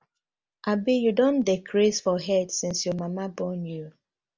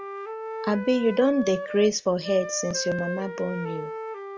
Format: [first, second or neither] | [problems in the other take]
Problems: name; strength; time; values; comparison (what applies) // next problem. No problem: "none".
first | background sound (Wind instrument, woodwind instrument); 8 dB below the speech